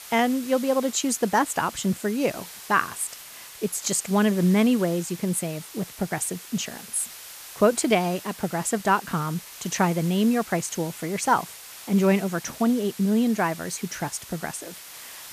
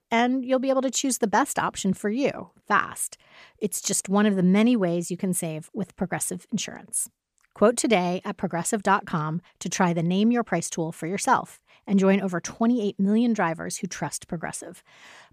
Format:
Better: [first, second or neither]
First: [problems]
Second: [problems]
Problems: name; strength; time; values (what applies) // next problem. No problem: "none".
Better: second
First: hiss; noticeable; throughout; 15 dB below the speech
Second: none